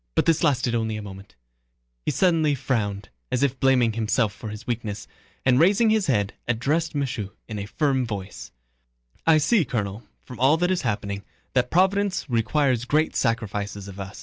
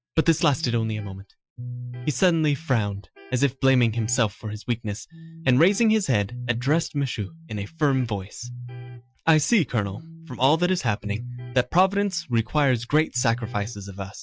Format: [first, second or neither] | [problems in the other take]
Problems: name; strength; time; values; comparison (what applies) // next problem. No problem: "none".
first | noise reduction (classical method Wiener filter)